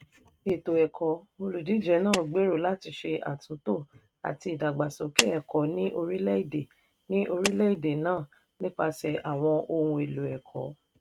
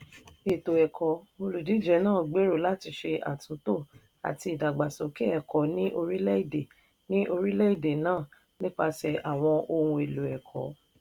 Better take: second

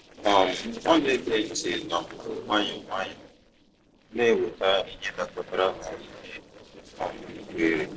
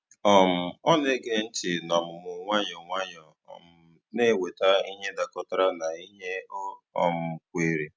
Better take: second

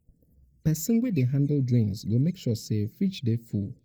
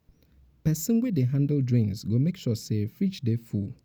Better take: second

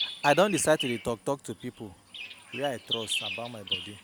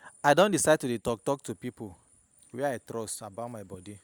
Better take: second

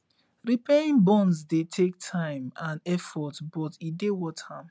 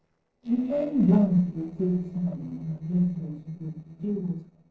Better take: first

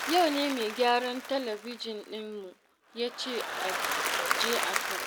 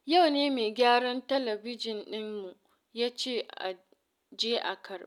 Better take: second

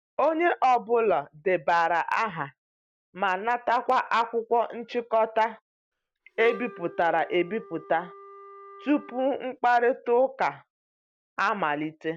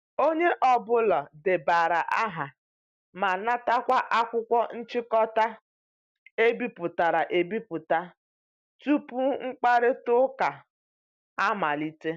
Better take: second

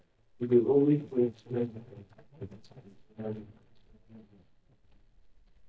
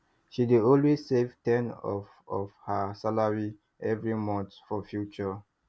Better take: second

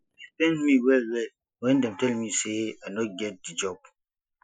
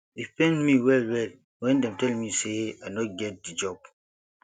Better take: second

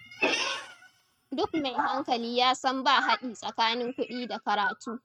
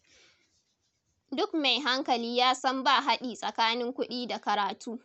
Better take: second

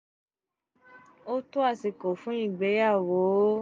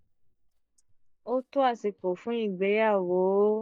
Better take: first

